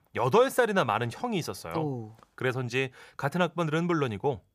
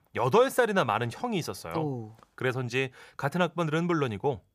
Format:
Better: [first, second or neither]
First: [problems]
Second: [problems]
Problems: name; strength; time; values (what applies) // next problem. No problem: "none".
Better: neither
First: none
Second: none